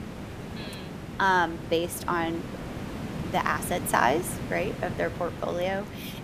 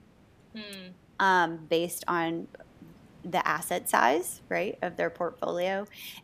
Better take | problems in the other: second | hiss; loud; throughout; 9 dB below the speech; faint in the second

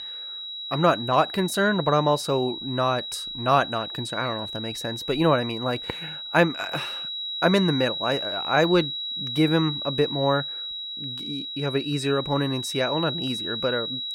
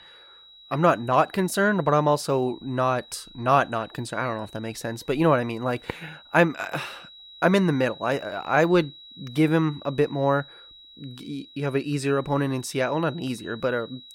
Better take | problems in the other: second | high-pitched whine; loud; throughout; 4 kHz, 6 dB below the speech; faint in the second

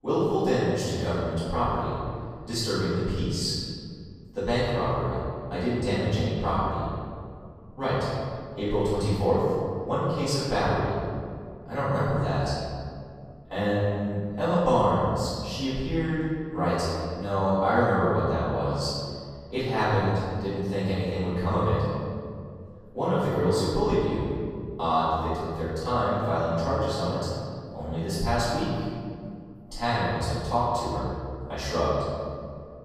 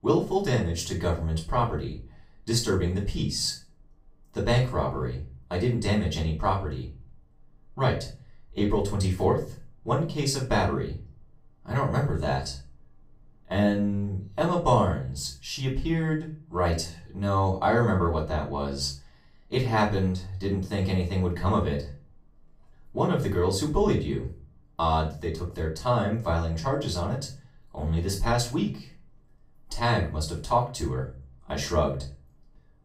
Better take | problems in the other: second | room echo; strong; dies away in 2.1 s; slight in the second // off-mic speech; far; far in the second

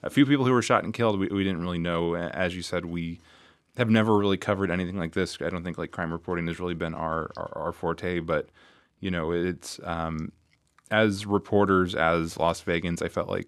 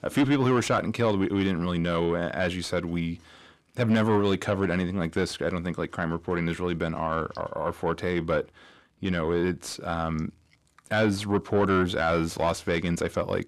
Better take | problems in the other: first | distortion; slight; 10 dB below the speech

